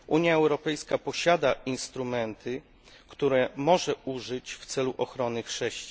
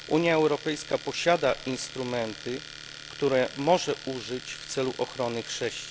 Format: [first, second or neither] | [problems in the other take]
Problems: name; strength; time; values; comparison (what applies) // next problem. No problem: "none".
first | background sound (Domestic sounds, home sounds); 15 dB below the speech